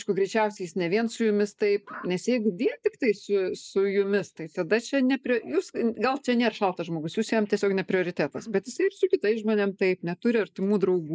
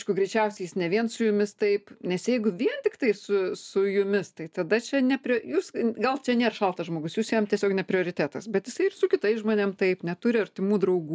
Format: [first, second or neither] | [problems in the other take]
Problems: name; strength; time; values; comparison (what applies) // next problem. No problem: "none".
second | noise reduction (neural mask model Resemble Enhance denoiser)